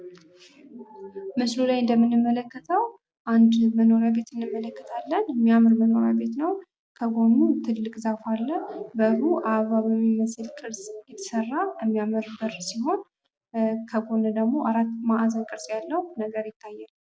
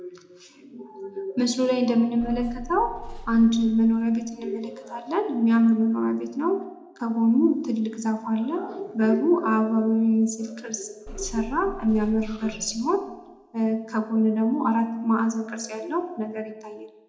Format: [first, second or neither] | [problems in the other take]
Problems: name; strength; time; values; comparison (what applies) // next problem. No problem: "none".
first | background sound (Bus / Engine); 15 dB below the speech // room echo; dies away in 0.6 s